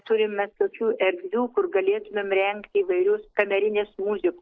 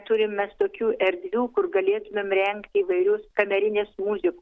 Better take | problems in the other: second | noise reduction (neural mask model Resemble Enhance denoiser)

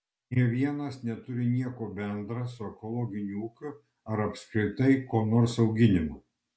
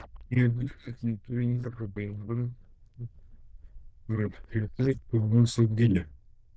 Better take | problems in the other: first | noise reduction (neural diffusion model UNIVERSE++)

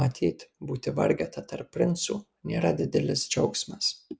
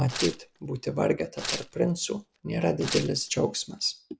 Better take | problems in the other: first | background sound (Tearing); 10 dB below the speech

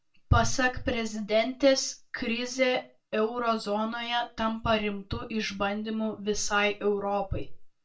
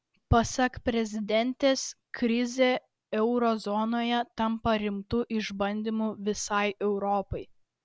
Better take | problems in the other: second | room echo; dies away in 0.2 s

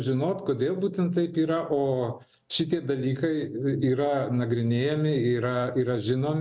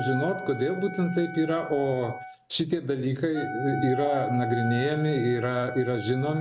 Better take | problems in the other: first | background sound (Wind instrument, woodwind instrument); 9 dB below the speech

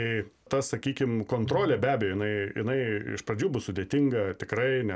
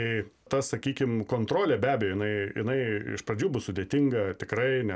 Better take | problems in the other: second | background sound (Bowed string instrument); 18 dB below the speech

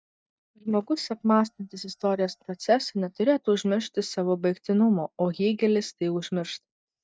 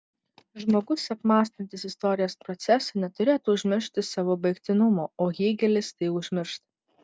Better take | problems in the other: second | noise reduction (neural mask model DeepFilterNet 3)

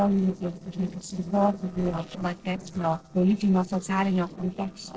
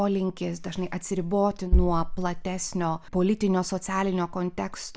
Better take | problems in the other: second | noise reduction (neural separator model SepFormer DNS4)

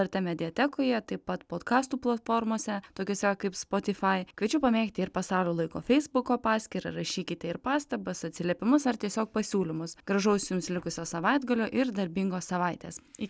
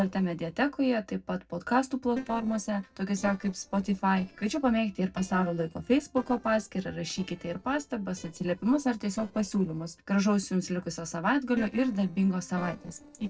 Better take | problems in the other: first | noise reduction (neural separator model SepFormer DNS4)

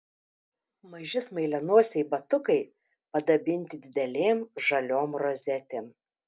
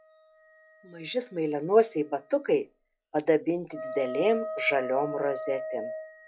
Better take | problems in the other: first | noise reduction (classical method log-MMSE)

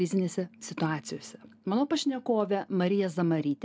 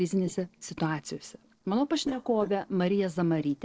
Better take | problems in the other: first | noise reduction (neural separator model SepFormer DNS4)

